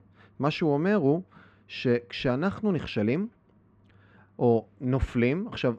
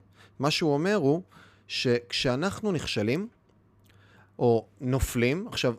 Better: second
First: muffled; slightly; fading above 2.5 kHz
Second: none

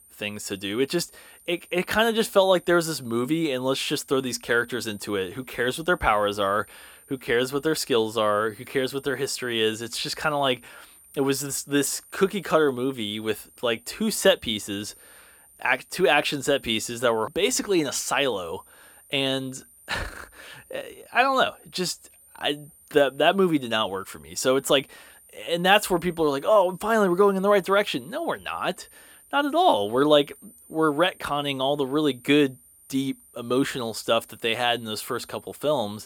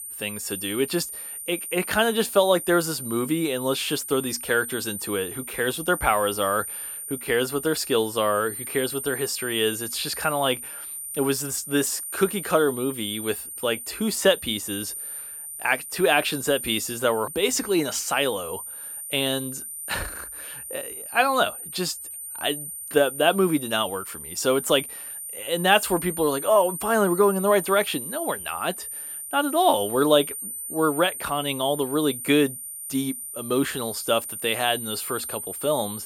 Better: first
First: high-pitched whine; faint; throughout; 9 kHz, 25 dB below the speech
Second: high-pitched whine; loud; throughout; 9 kHz, 8 dB below the speech

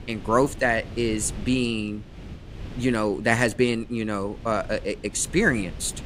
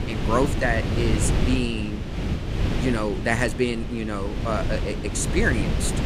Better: first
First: wind noise on the microphone; occasional gusts; 20 dB below the speech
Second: wind noise on the microphone; heavy; 6 dB below the speech

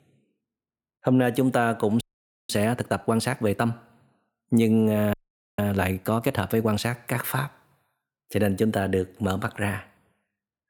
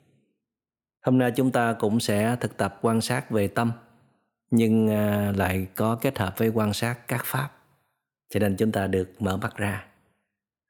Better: second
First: audio freezing; at 2 s and at 5 s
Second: none

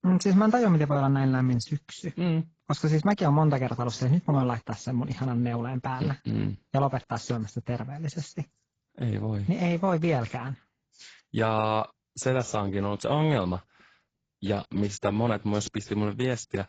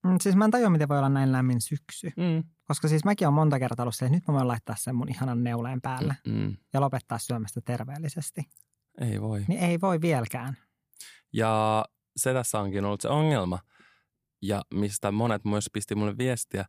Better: second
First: garbled, watery; badly; nothing above 8 kHz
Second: none

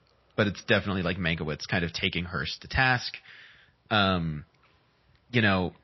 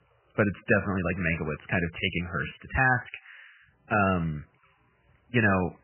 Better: first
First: garbled, watery; slightly; nothing above 5.5 kHz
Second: garbled, watery; badly; nothing above 3 kHz

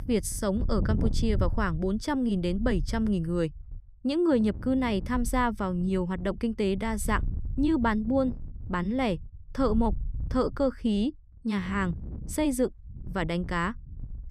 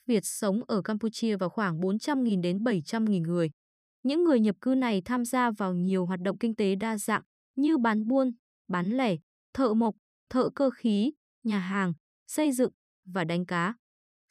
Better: second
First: wind noise on the microphone; occasional gusts; 20 dB below the speech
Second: none

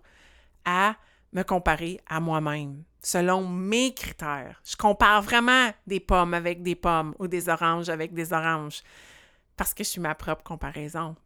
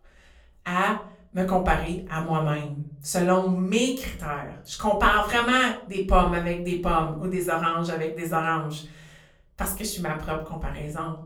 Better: first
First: none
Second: off-mic speech; far // room echo; slight; dies away in 0.5 s

